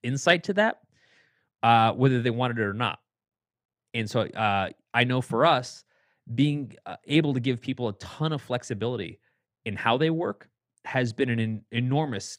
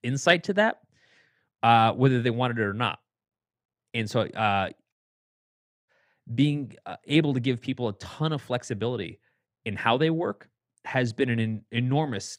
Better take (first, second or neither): first